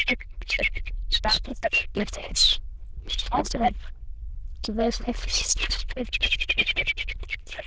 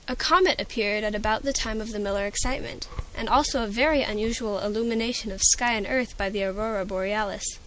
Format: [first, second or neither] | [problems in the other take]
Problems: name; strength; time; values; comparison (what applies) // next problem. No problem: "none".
second | noise reduction (neural diffusion model UNIVERSE++)